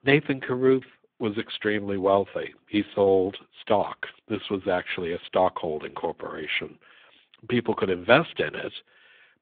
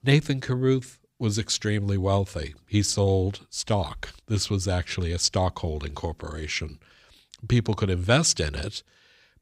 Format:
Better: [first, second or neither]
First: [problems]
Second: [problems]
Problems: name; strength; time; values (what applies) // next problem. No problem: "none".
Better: second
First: phone-call audio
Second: none